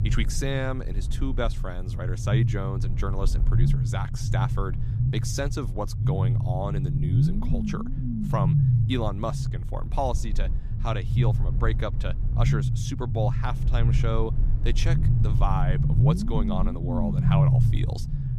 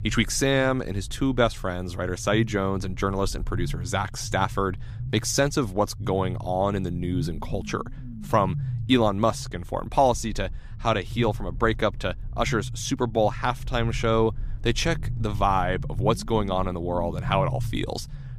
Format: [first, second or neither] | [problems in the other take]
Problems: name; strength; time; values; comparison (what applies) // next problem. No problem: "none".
second | low rumble; loud; throughout; 4 dB below the speech; faint in the second